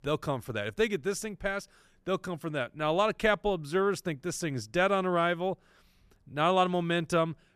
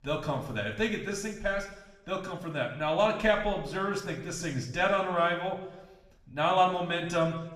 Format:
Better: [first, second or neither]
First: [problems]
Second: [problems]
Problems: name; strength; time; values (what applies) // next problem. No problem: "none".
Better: first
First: none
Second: room echo; slight; dies away in 0.9 s // off-mic speech; somewhat distant